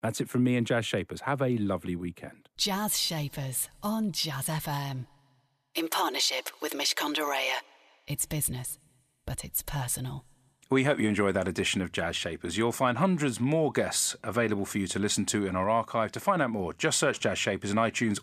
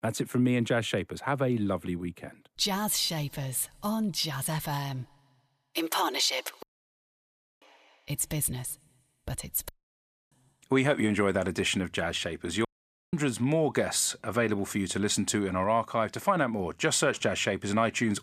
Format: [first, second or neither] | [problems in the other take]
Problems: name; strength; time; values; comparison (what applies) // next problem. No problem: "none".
first | audio cutting out; at 6.5 s for 1 s, at 9.5 s for 0.5 s and at 13 s